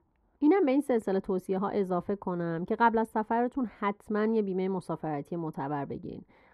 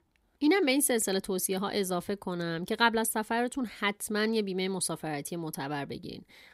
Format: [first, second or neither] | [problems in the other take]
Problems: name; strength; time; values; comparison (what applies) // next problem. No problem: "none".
second | muffled; very; fading above 2.5 kHz